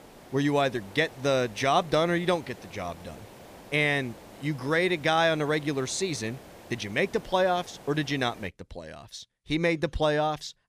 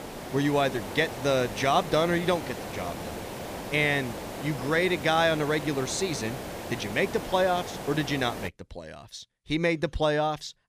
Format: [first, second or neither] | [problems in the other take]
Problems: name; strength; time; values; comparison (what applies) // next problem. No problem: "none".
first | hiss; loud; until 8.5 s; 10 dB below the speech; faint in the first